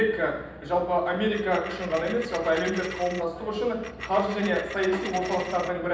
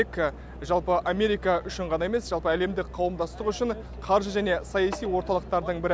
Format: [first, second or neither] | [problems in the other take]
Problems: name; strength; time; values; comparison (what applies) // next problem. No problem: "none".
second | background sound (Coin (dropping)); 13 dB below the speech // room echo; dies away in 0.9 s